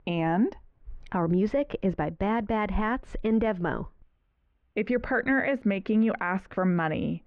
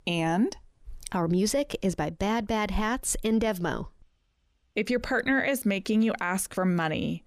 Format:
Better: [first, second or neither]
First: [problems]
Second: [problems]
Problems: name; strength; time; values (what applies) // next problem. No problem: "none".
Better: second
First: muffled; very; fading above 2 kHz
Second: none